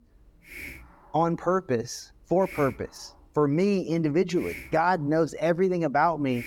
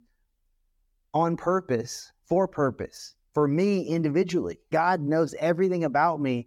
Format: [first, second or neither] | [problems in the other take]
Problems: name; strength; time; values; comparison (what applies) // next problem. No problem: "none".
second | hiss; noticeable; throughout; 20 dB below the speech